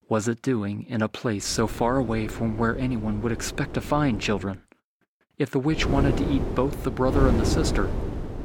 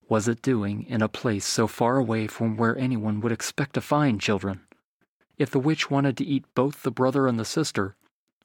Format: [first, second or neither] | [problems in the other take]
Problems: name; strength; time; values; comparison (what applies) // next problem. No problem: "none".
second | wind noise on the microphone; heavy; from 1.5 to 4.5 s and from 6 s on; 7 dB below the speech